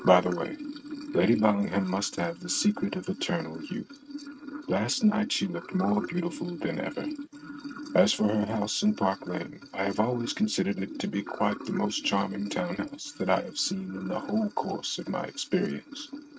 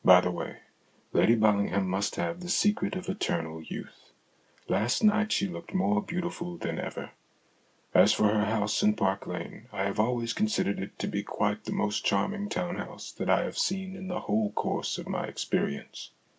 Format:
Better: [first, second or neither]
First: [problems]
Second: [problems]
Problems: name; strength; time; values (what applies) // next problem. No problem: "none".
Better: second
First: noise reduction (neural mask model RNNoise)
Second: none